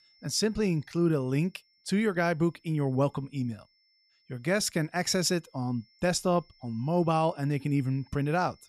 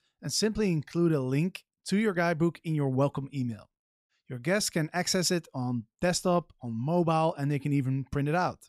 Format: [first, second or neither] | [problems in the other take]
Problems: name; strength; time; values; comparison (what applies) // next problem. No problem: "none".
second | high-pitched whine; faint; throughout; 5.5 kHz, 35 dB below the speech